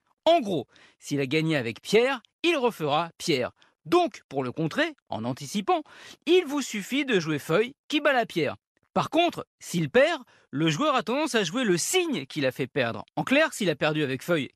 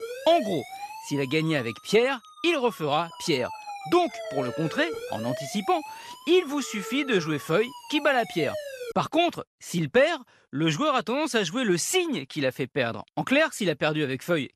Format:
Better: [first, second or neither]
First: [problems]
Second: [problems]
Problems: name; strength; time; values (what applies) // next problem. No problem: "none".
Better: first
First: none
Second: siren; noticeable; until 9 s; peak 8 dB below the speech